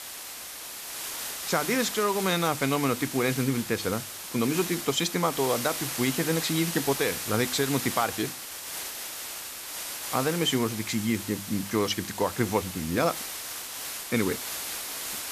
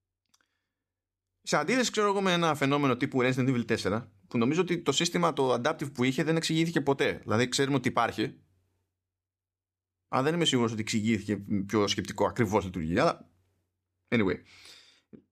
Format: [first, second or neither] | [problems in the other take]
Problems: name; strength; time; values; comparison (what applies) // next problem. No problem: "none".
second | hiss; loud; throughout; 5 dB below the speech